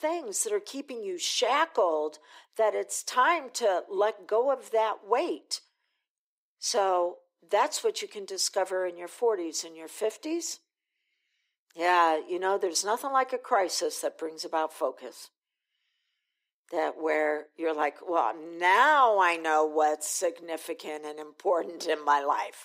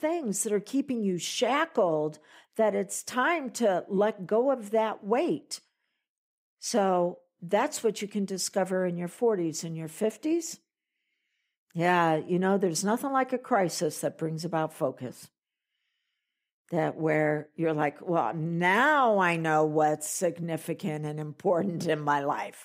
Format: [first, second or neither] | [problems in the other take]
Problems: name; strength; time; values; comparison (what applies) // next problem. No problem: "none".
second | thin; very; fading below 350 Hz